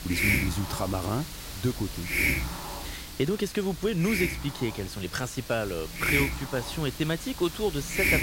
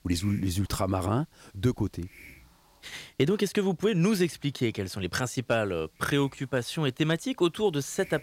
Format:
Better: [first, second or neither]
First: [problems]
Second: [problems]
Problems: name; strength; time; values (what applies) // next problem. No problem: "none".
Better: second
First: hiss; loud; throughout; as loud as the speech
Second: hiss; faint; throughout; 25 dB below the speech